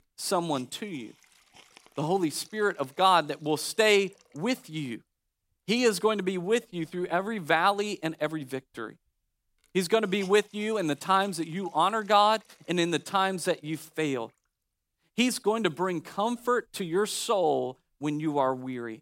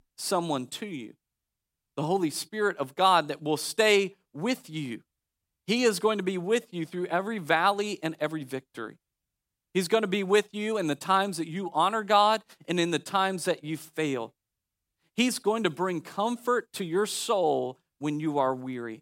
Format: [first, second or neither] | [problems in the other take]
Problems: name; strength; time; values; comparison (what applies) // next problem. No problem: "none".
second | hiss; faint; throughout; 30 dB below the speech